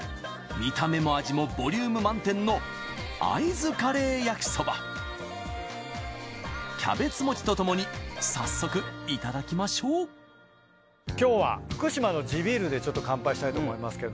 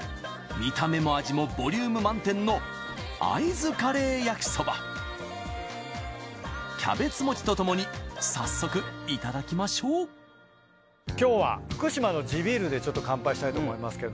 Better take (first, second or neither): second